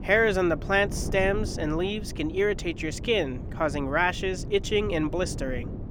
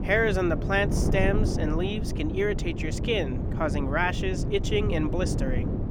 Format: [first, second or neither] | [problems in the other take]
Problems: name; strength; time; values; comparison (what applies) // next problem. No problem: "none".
first | wind noise on the microphone; heavy; 8 dB below the speech; occasional gusts in the first